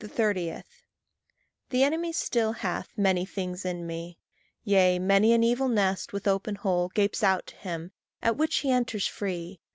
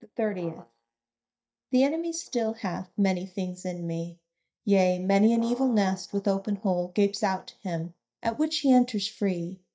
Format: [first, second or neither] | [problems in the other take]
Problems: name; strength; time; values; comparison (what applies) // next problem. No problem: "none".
first | noise reduction (neural mask model DeepFilterNet 3)